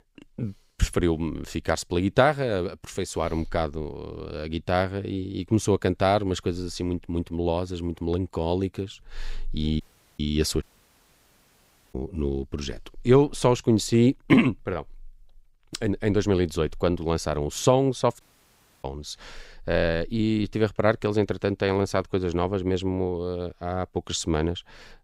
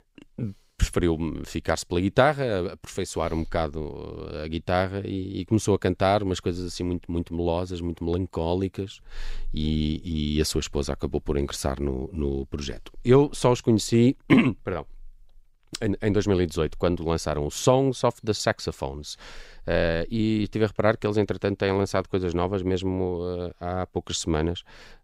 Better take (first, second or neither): second